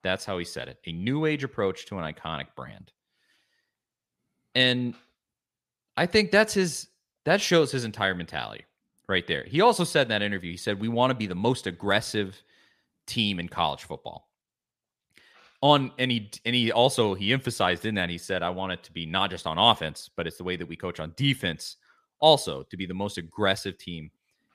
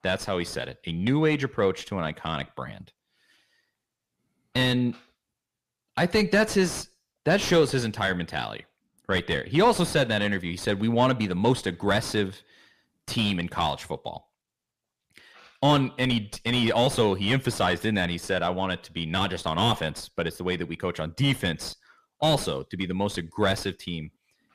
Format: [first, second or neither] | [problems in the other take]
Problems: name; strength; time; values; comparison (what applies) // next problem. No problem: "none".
first | distortion; heavy; 6 dB below the speech